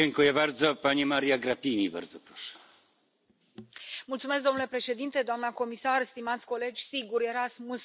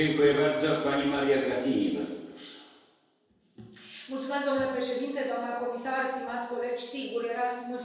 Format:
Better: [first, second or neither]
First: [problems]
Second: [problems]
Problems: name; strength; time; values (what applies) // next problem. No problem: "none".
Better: first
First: none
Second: room echo; dies away in 1.2 s